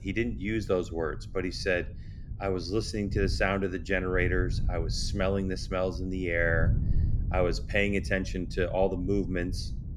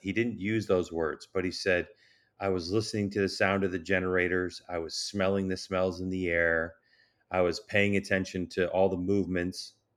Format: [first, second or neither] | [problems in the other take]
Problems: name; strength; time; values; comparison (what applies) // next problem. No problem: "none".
second | wind noise on the microphone; occasional gusts; 20 dB below the speech